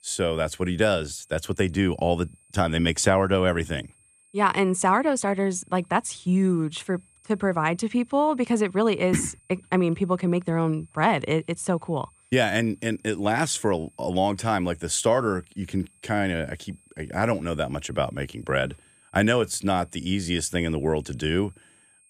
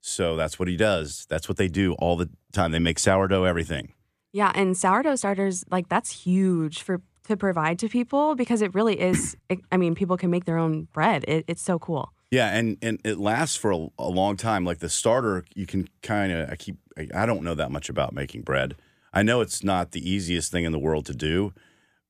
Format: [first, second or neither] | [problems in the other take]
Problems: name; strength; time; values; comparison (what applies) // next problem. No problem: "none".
second | high-pitched whine; faint; throughout; 8.5 kHz, 30 dB below the speech